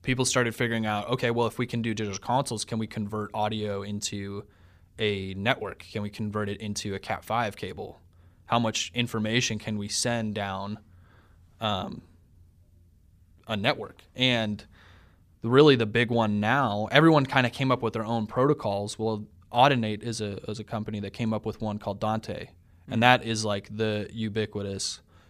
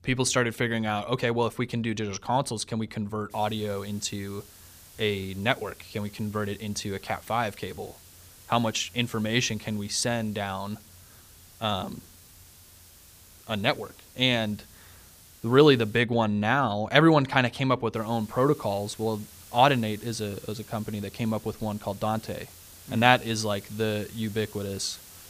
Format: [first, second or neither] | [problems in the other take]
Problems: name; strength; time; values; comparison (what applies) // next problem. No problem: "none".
first | hiss; faint; from 3.5 to 16 s and from 18 s on; 20 dB below the speech